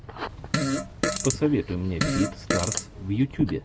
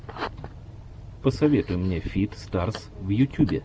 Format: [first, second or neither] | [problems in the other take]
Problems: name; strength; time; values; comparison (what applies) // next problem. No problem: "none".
second | background sound (Fart); 1 dB below the speech